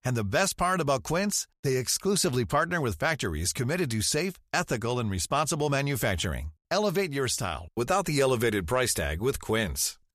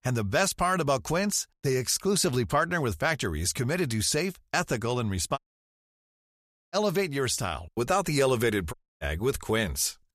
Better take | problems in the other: first | audio cutting out; at 5.5 s for 1.5 s and at 8.5 s

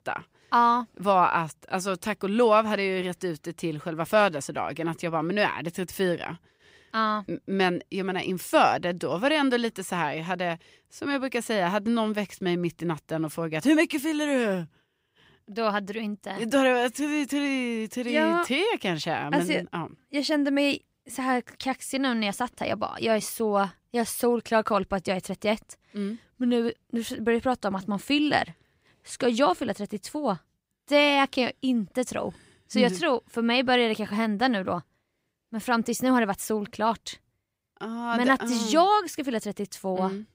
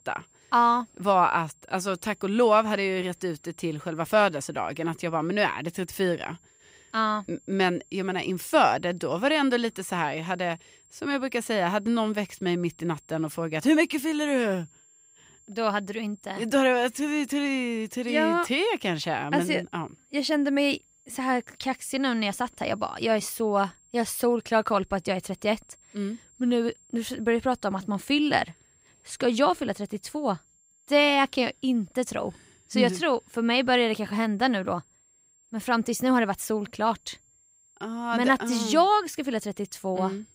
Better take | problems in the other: first | high-pitched whine; faint; throughout; 7.5 kHz, 30 dB below the speech

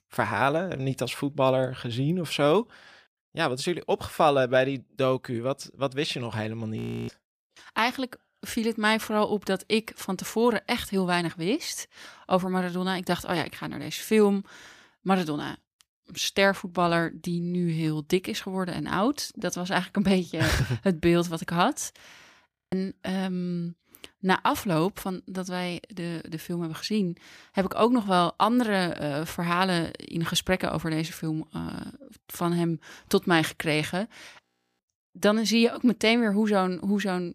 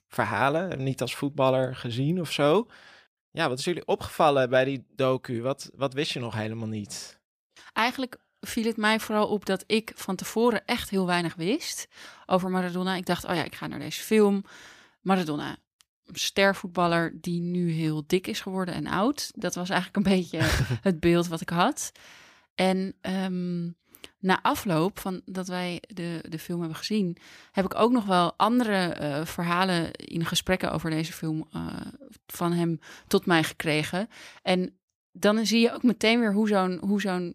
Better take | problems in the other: second | audio freezing; at 7 s, at 23 s and at 34 s

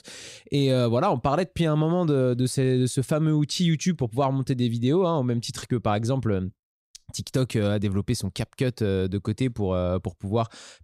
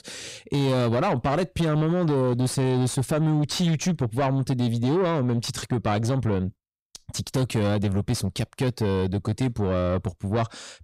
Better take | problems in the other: first | distortion; slight; 10 dB below the speech

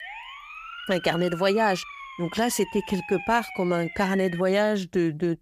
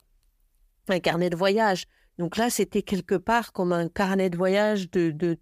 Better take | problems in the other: second | siren; faint; until 4.5 s; peak 10 dB below the speech

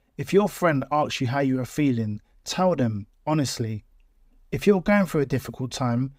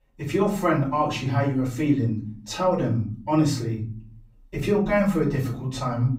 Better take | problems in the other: first | off-mic speech; far // room echo; slight; dies away in 0.5 s

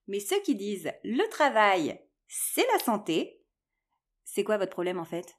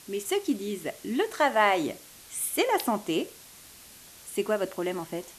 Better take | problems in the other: first | hiss; noticeable; throughout; 20 dB below the speech

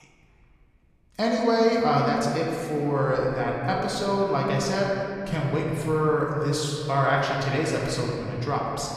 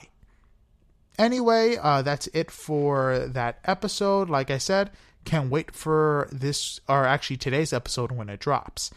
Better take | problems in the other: second | room echo; noticeable; dies away in 2.7 s // off-mic speech; somewhat distant

